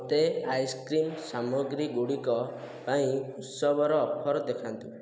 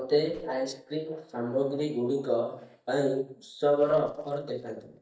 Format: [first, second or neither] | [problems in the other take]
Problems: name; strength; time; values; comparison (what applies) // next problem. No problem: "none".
first | noise reduction (neural mask model DeepFilterNet 3)